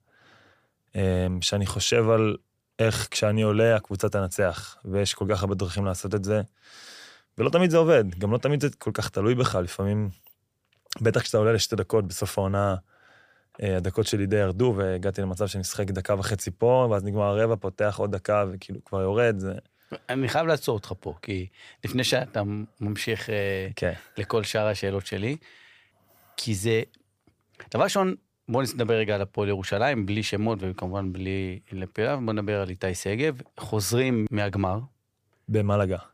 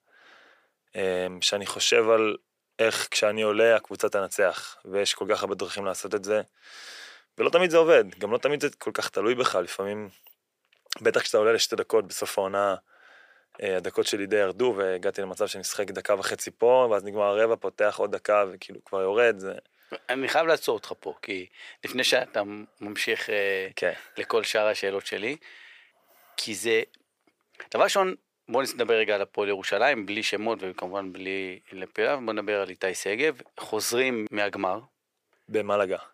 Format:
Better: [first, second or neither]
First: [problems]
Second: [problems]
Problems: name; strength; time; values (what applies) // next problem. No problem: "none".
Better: first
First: none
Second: thin; somewhat; fading below 400 Hz